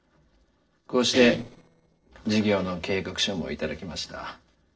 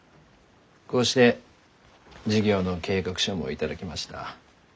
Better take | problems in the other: second | noise reduction (neural separator model SepFormer DNS4)

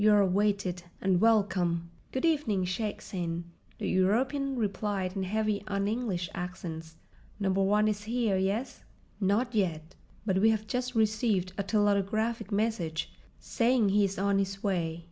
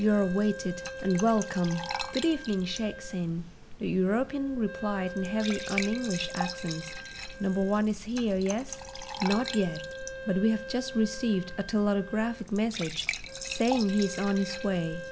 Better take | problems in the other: first | background sound (Wind instrument, woodwind instrument + Fill (with liquid) / Trickle, dribble / Glass); 9 dB below the speech

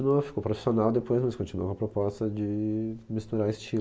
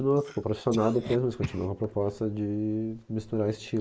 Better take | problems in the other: first | noise reduction (neural mask model Resemble Enhance denoiser)

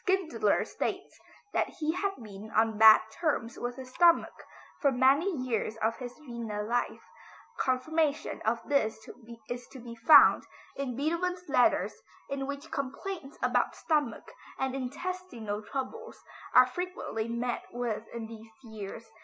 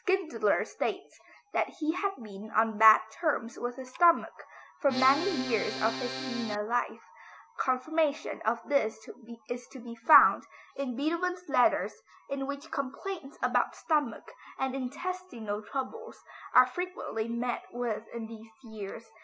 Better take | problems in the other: first | background sound (Accordion); 5 dB below the speech

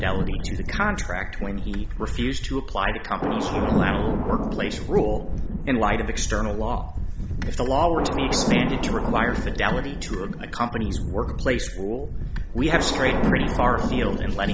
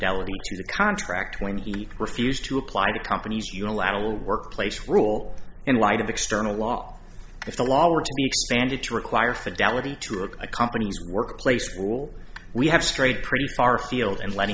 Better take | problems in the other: second | background sound (Wind + Thunder); as loud as the speech

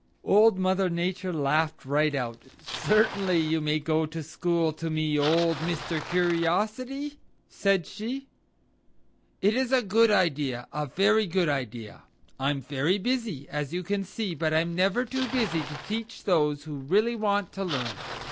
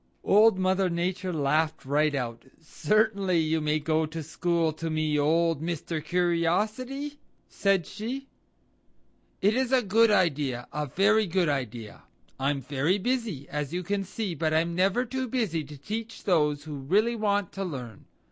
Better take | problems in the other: second | background sound (Bicycle); 16 dB below the speech

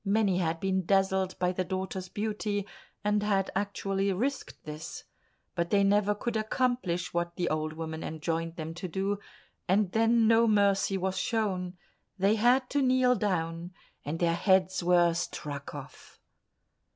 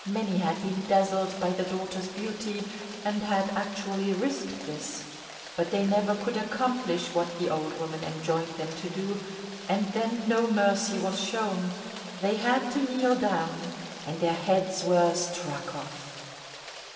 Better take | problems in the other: first | background sound (Rain); 14 dB below the speech // room echo; dies away in 2.4 s

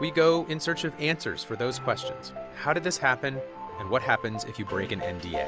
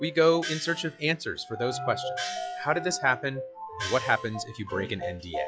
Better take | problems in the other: first | noise reduction (classical method log-MMSE)

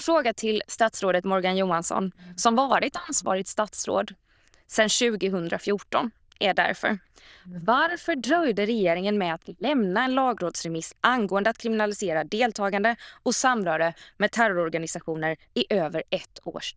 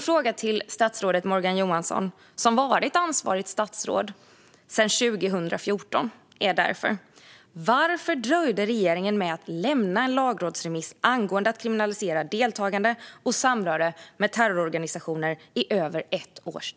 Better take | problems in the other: second | noise reduction (neural diffusion model UNIVERSE++)

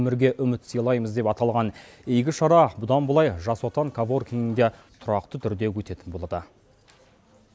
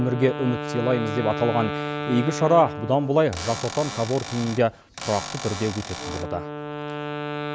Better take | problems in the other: first | background sound (Wind instrument, woodwind instrument + Cupboard open or close / Door); 7 dB below the speech

